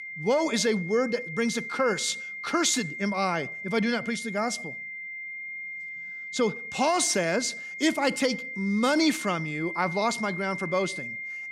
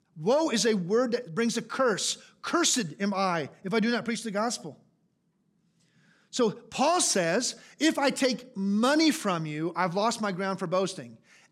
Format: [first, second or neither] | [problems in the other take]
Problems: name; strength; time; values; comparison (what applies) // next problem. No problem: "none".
second | high-pitched whine; loud; throughout; 2 kHz, 8 dB below the speech